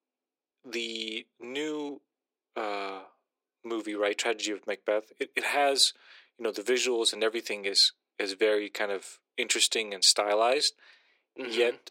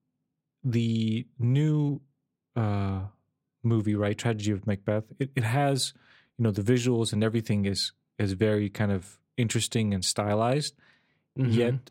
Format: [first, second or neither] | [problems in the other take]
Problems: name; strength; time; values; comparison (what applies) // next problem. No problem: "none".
second | thin; very; fading below 350 Hz